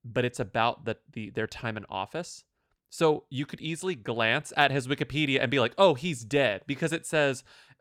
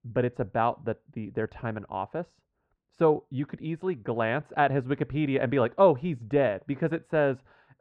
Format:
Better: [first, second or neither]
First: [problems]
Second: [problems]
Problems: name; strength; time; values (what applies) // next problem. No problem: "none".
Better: first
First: none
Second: muffled; very; fading above 3.5 kHz